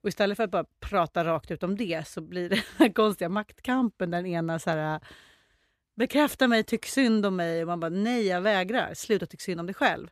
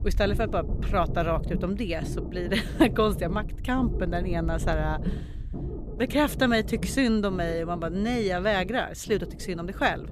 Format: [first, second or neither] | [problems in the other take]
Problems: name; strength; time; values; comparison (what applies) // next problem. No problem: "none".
first | low rumble; noticeable; throughout; 15 dB below the speech